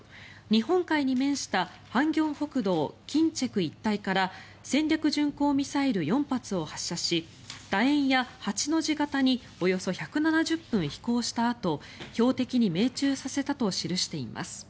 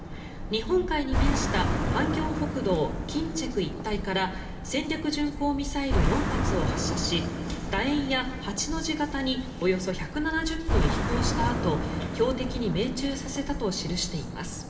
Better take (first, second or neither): first